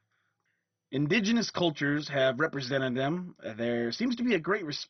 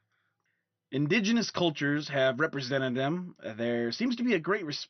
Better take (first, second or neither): second